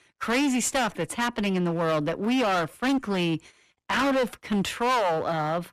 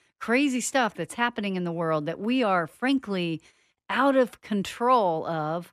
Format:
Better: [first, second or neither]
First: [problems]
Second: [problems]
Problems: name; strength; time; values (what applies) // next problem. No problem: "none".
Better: second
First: distortion; heavy; 20% of the sound clipped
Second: none